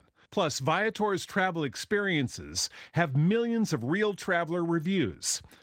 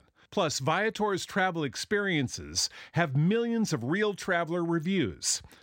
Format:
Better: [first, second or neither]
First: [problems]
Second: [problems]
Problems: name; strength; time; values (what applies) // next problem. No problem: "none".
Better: second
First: garbled, watery; slightly; nothing above 16 kHz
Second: none